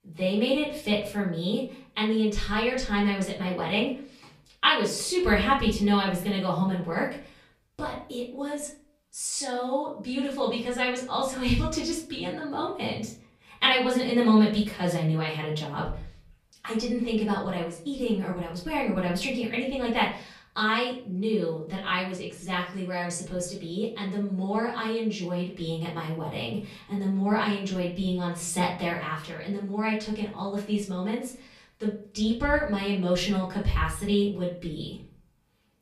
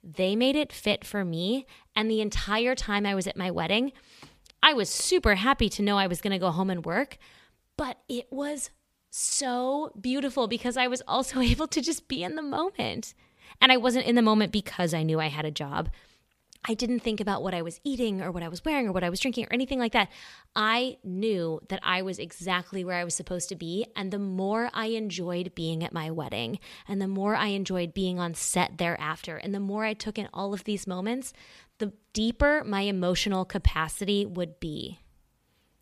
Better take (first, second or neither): second